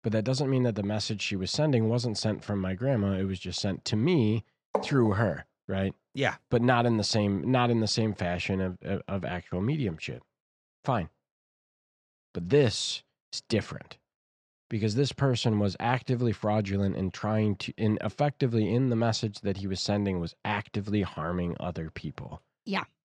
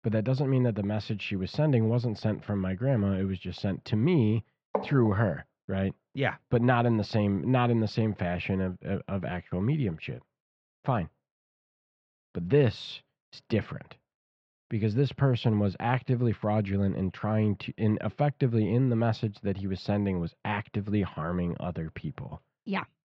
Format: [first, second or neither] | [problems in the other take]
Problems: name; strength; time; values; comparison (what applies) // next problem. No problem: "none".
first | muffled; slightly; fading above 3 kHz